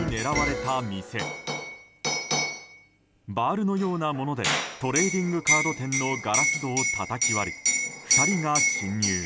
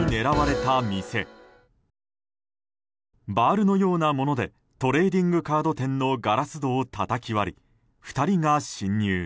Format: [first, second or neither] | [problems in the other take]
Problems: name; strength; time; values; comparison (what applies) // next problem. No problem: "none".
second | background sound (Liquid); 1 dB above the speech